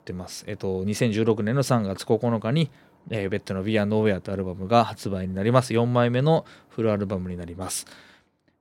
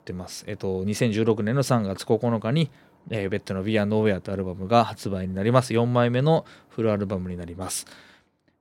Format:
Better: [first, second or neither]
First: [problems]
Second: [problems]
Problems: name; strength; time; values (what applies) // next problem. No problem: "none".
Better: neither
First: none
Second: none